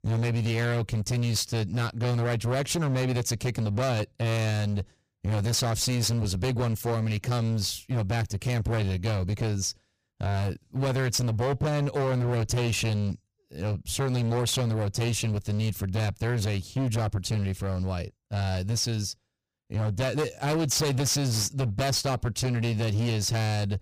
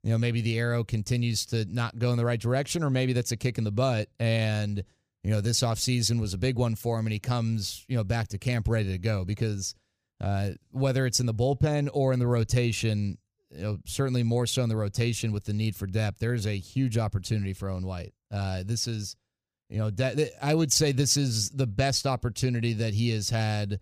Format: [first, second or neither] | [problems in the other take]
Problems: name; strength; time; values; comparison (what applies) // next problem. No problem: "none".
second | distortion; heavy; 26% of the sound clipped